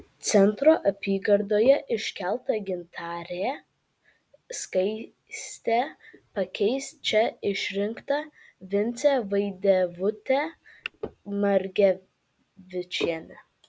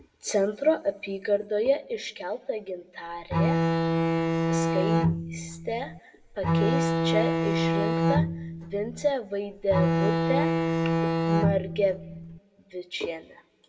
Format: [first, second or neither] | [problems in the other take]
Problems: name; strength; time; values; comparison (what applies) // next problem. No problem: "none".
first | background sound (Bowed string instrument); 5 dB above the speech // room echo; dies away in 1.1 s